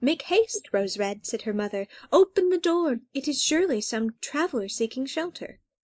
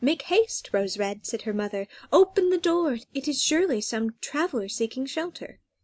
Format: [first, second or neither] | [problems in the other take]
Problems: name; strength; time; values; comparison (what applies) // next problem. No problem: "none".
second | noise reduction (neural mask model Resemble Enhance denoiser)